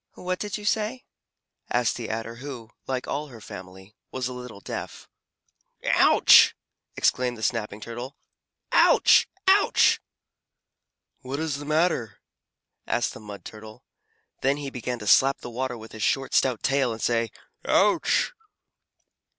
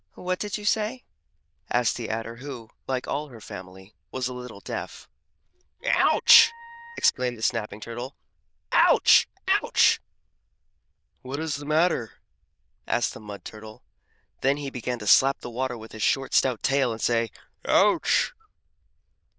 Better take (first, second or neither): first